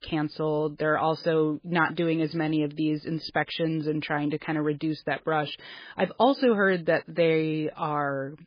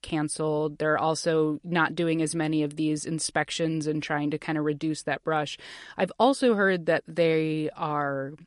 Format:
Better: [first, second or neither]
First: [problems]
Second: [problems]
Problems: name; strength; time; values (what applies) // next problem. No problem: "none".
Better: second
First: garbled, watery; badly; nothing above 5 kHz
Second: garbled, watery; slightly; nothing above 10.5 kHz